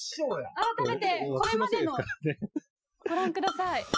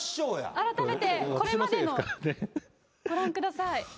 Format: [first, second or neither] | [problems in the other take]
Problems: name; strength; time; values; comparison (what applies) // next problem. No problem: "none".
second | noise reduction (classical method Wiener filter)